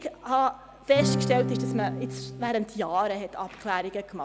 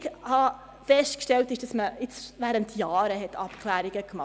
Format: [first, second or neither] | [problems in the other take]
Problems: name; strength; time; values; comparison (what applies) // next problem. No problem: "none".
second | background sound (Acoustic guitar / Strum); 1 dB below the speech